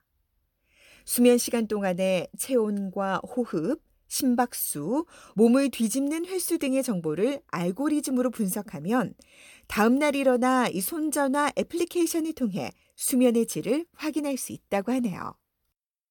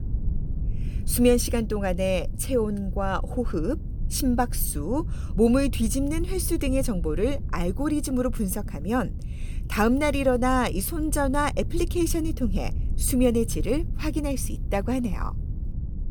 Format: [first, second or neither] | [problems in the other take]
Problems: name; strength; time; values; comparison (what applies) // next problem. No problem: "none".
first | low rumble; faint; throughout; 20 dB below the speech